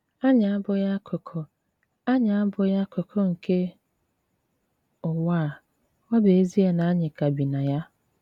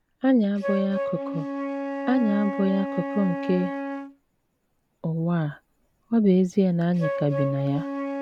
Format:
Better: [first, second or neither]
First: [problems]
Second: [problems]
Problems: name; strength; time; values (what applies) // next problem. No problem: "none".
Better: first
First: none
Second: background sound (Wind instrument, woodwind instrument); 7 dB below the speech